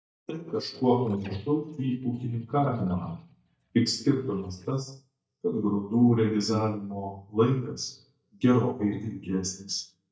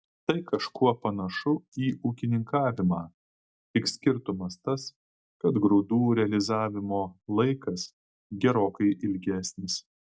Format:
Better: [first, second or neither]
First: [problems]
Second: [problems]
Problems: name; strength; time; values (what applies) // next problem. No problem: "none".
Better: second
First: noise reduction (neural mask model DeepFilterNet 3)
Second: none